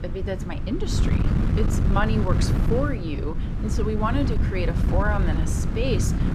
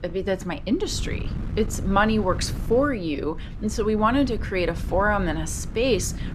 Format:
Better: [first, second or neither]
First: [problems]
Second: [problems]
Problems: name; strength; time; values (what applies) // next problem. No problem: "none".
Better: second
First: wind noise on the microphone; heavy; 5 dB below the speech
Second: wind noise on the microphone; occasional gusts; 20 dB below the speech